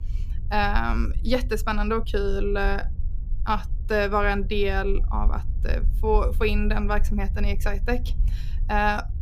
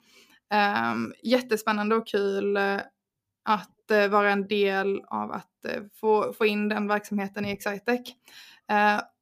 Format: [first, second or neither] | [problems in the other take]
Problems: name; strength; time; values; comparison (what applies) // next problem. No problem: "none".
second | low rumble; faint; throughout; 25 dB below the speech